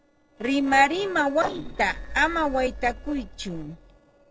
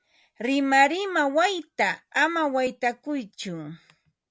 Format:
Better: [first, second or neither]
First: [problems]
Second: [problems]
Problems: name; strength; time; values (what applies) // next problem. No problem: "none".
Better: second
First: noise reduction (neural separator model SepFormer DNS4)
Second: none